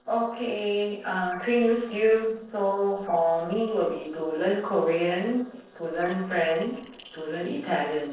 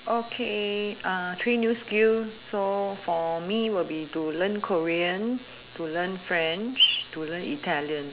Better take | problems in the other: second | noise reduction (neural separator model SepFormer DNS4)

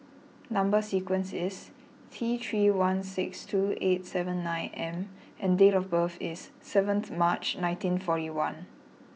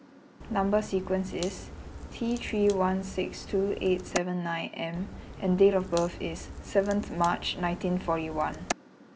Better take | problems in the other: first | background sound (Crack); 12 dB below the speech

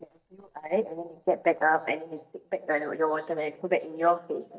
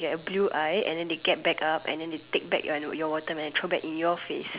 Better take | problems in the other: second | noise reduction (neural mask model DeepFilterNet 3)

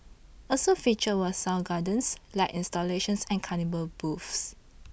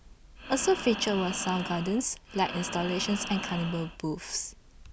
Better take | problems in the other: first | background sound (Breathing); 8 dB below the speech

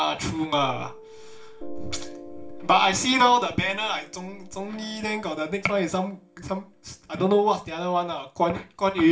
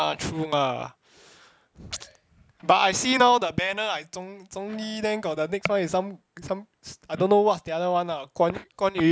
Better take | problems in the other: second | background sound (Piano); 15 dB below the speech // room echo; dies away in 0.3 s

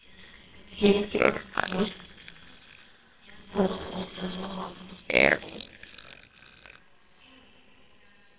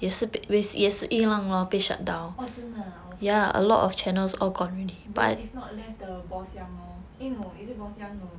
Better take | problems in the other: second | noise reduction (neural separator model SepFormer WHAMR!)

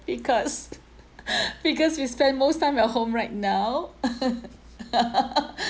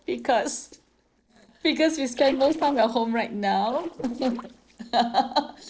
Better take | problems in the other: first | noise reduction (neural separator model SepFormer DNS4)

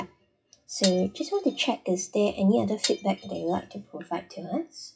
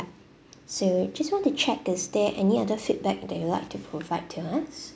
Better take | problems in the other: second | noise reduction (classical method WPE with log-MMSE)

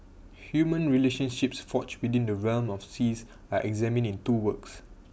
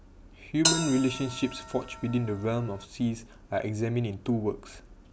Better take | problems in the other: first | background sound (Bell); 4 dB below the speech

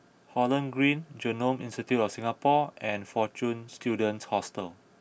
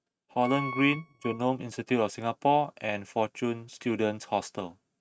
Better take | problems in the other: first | noise reduction (neural mask model RNNoise)

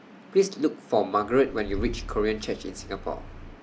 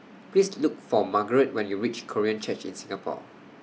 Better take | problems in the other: second | background sound (Engine starting / Car); 11 dB below the speech

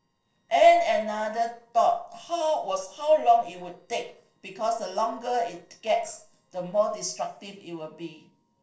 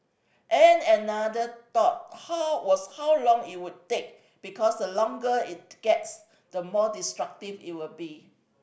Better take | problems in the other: second | noise reduction (neural separator model SepFormer DNS4)

